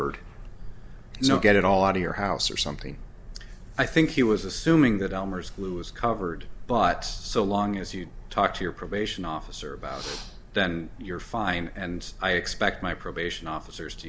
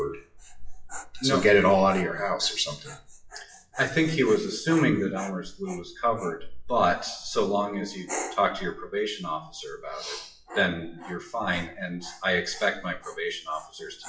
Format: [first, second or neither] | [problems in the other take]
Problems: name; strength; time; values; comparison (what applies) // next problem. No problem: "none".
first | noise reduction (classical method WPE with log-MMSE)